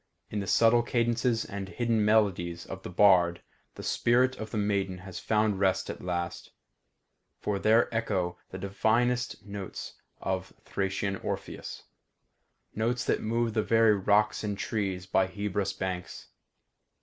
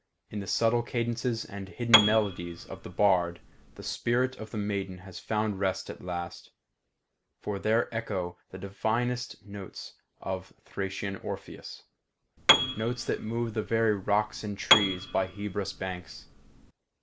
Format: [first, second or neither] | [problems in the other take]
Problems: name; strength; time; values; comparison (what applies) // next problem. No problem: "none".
first | background sound (Piano); as loud as the speech